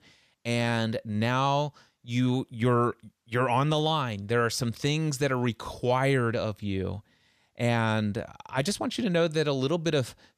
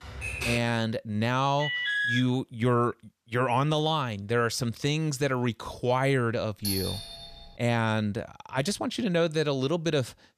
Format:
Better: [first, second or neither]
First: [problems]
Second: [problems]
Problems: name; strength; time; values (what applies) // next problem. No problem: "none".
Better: first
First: none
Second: keyboard typing; noticeable; at the start; peak 2 dB below the speech // alarm; loud; at 1.5 s; peak 2 dB above the speech // doorbell; noticeable; at 6.5 s; peak 3 dB below the speech